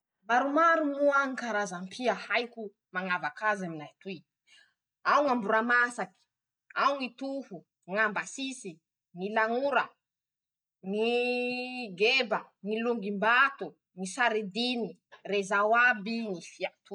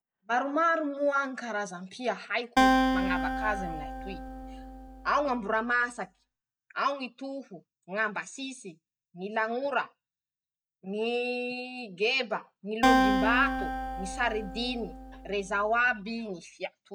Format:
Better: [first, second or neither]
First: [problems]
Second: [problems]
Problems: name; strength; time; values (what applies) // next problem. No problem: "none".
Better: first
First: none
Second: background sound (Acoustic guitar); 2 dB above the speech